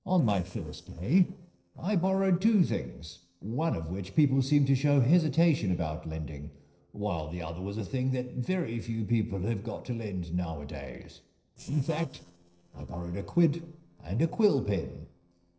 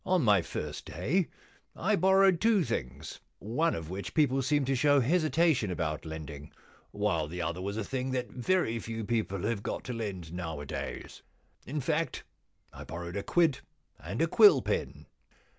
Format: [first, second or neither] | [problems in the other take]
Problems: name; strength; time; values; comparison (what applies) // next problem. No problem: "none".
second | noise reduction (neural separator model SepFormer DNS4)